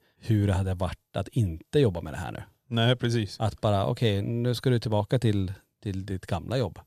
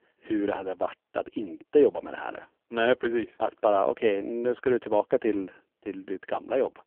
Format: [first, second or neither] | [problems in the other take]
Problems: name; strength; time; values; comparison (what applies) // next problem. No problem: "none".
first | phone-call audio; poor line; nothing above 3.5 kHz